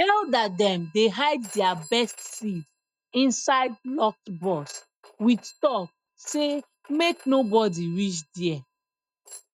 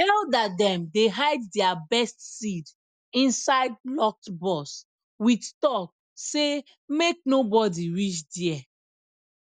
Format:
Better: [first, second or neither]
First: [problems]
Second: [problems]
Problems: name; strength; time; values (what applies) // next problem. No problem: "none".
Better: second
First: noise reduction (neural mask model RNNoise)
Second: none